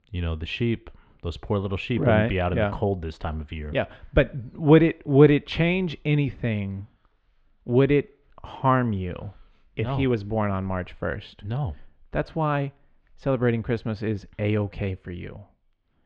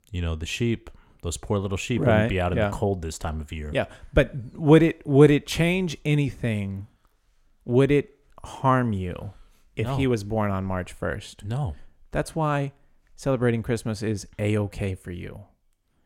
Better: second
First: muffled; slightly; fading above 4 kHz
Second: none

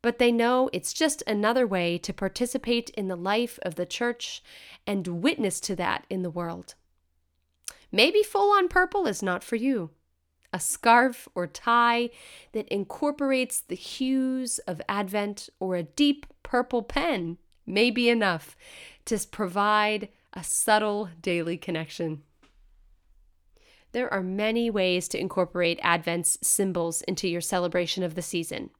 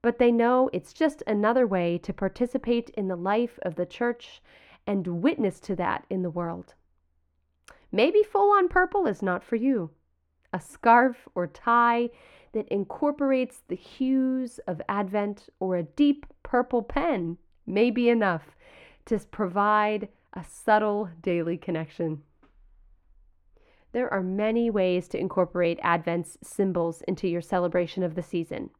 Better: first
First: none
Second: muffled; very; fading above 3 kHz

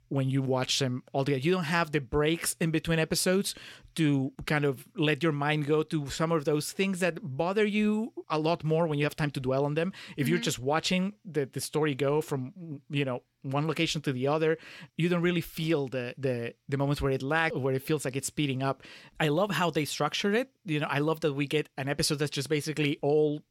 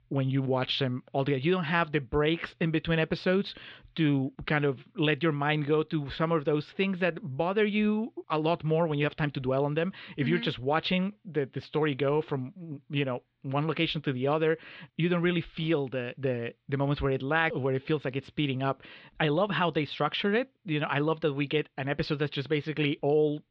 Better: first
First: none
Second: muffled; slightly; fading above 3.5 kHz

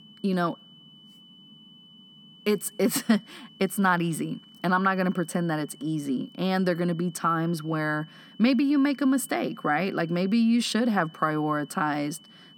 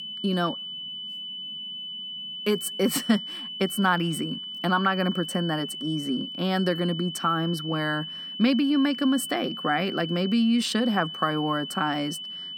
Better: first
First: high-pitched whine; faint; throughout; 3 kHz, 25 dB below the speech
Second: high-pitched whine; loud; throughout; 3 kHz, 8 dB below the speech

